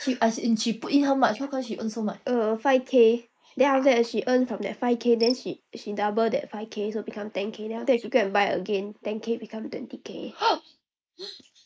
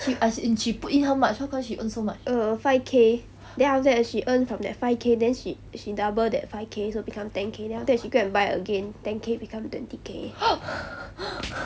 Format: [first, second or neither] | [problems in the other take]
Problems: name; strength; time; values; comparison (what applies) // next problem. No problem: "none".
second | noise reduction (neural mask model Resemble Enhance denoiser)